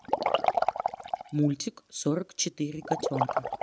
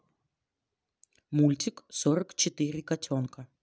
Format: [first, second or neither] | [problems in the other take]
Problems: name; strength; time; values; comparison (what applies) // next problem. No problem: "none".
second | background sound (Liquid); 1 dB above the speech